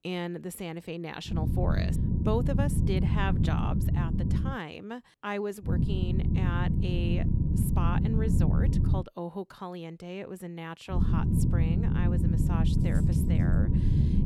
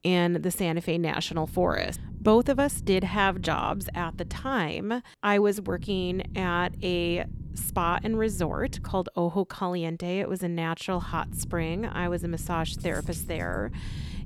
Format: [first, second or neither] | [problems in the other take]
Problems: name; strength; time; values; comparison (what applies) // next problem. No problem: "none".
second | low rumble; loud; from 1.5 to 4.5 s, from 5.5 to 9 s and from 11 s on; as loud as the speech; faint in the second